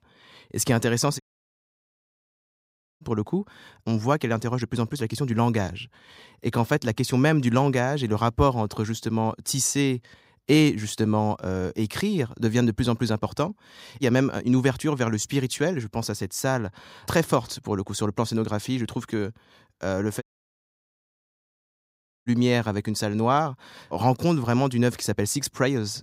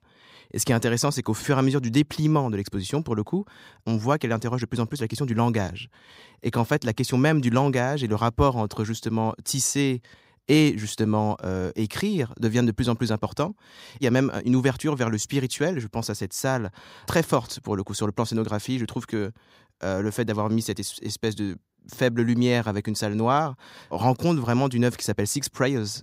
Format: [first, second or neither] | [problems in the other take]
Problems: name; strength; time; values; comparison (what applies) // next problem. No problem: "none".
second | audio cutting out; at 1 s for 2 s and at 20 s for 2 s